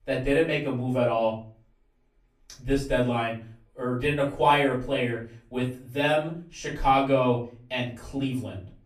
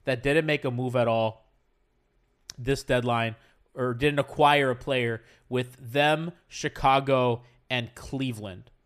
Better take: second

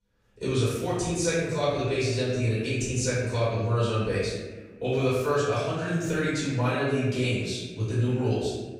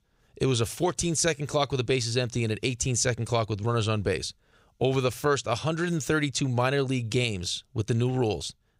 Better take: second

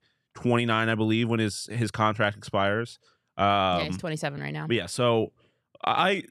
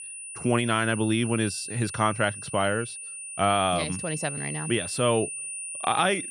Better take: first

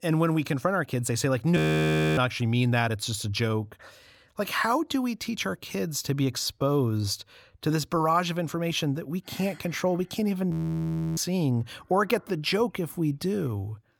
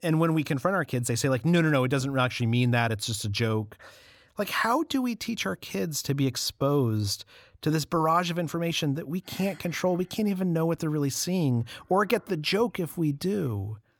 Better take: second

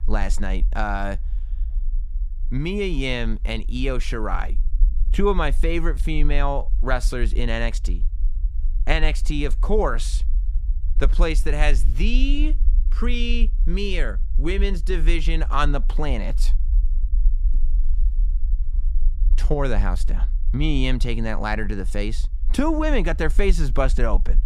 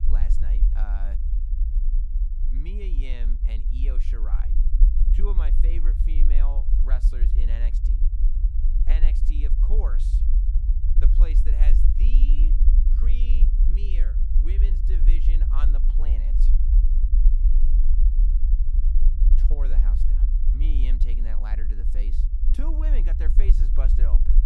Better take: first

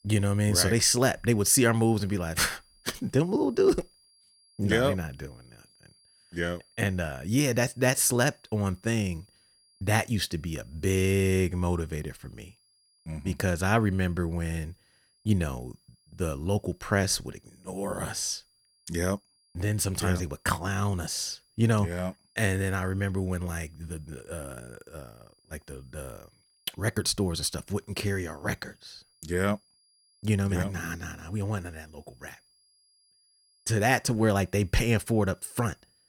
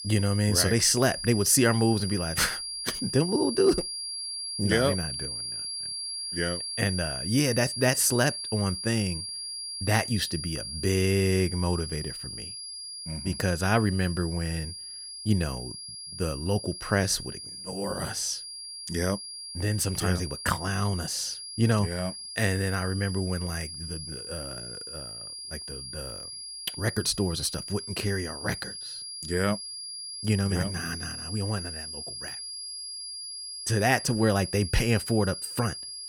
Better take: first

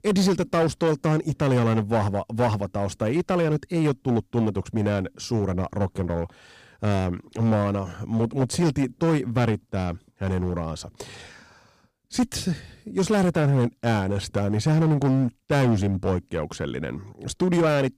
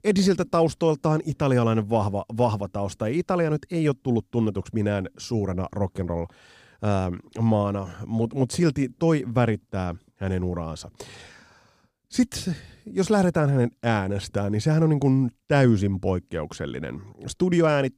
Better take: second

